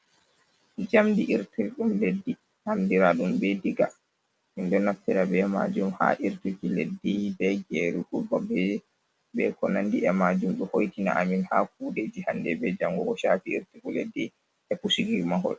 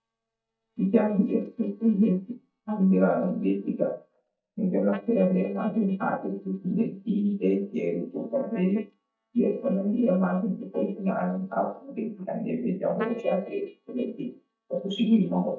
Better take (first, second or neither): first